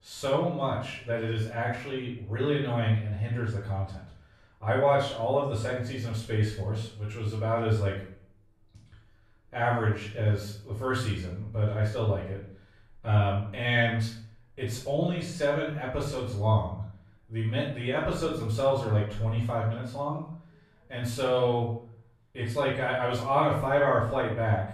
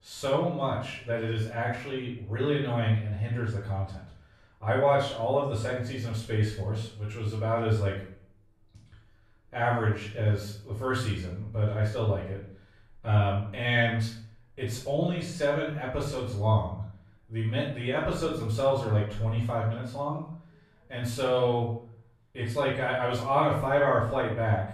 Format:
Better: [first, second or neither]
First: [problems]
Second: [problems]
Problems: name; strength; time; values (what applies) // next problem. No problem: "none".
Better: neither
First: room echo; noticeable; dies away in 0.5 s // off-mic speech; far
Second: room echo; noticeable; dies away in 0.5 s // off-mic speech; far